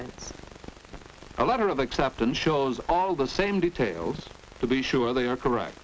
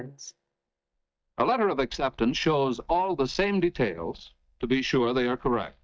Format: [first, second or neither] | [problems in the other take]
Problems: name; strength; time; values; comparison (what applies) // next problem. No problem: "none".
first | noise reduction (neural mask model DeepFilterNet 3)